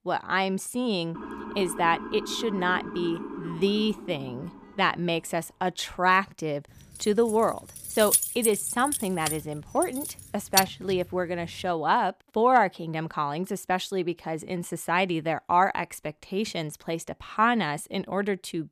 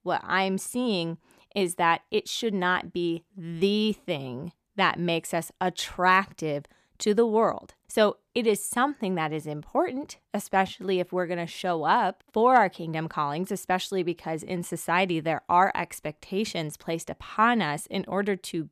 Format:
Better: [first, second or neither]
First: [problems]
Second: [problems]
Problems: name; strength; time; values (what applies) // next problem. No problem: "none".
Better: second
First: siren; noticeable; from 1 to 5 s; peak 8 dB below the speech // jangling keys; loud; from 7.5 to 11 s; peak 4 dB above the speech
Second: none